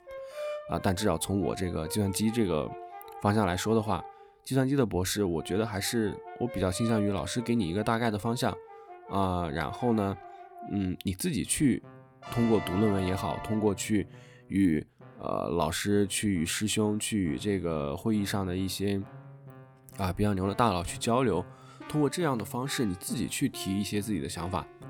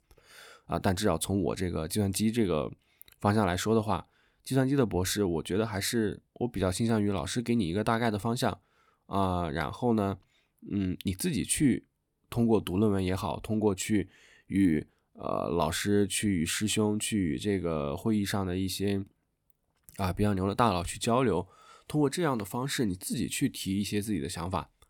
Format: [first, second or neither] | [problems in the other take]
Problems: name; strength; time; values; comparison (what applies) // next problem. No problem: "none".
second | background music; noticeable; throughout; 15 dB below the speech